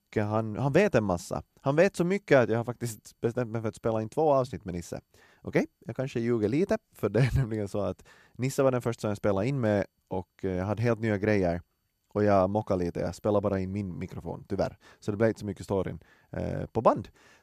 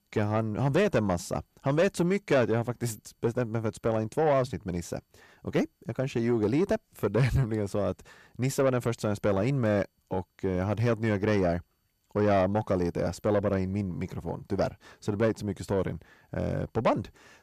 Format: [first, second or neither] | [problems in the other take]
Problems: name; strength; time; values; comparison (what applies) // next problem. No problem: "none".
first | distortion; slight; 10 dB below the speech